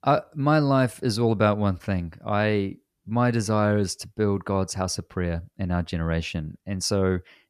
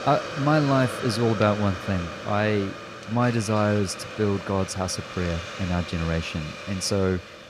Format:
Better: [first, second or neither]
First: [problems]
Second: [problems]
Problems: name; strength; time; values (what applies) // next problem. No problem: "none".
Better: first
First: none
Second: hiss; loud; throughout; 9 dB below the speech